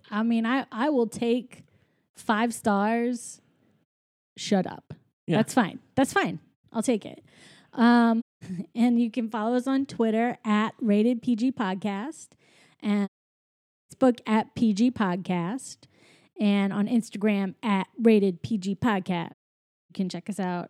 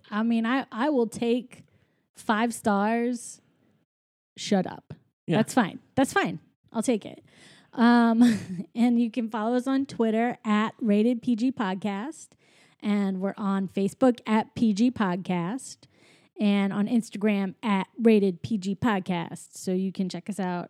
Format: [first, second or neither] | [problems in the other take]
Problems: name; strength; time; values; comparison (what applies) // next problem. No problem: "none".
second | audio cutting out; at 8 s, at 13 s for 1 s and at 19 s for 0.5 s